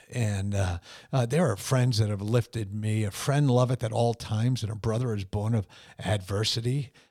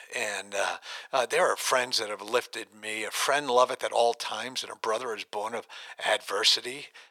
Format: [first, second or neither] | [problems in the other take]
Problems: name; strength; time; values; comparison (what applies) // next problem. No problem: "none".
first | thin; very; fading below 500 Hz